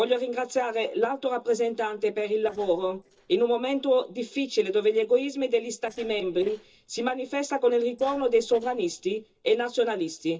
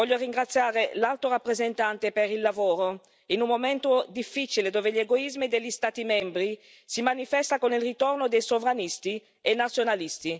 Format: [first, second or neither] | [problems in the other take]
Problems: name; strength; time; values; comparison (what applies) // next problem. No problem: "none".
second | noise reduction (neural separator model SepFormer DNS4)